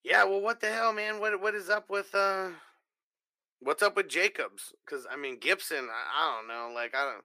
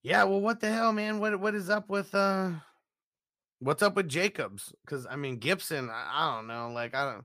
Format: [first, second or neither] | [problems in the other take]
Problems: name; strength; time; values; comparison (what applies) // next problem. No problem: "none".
second | thin; very; fading below 350 Hz